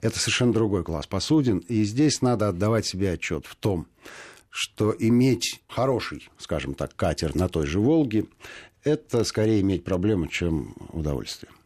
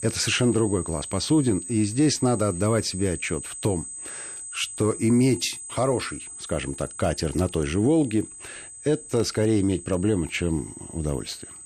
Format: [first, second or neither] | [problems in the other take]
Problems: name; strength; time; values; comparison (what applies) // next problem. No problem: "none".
first | high-pitched whine; noticeable; throughout; 8 kHz, 10 dB below the speech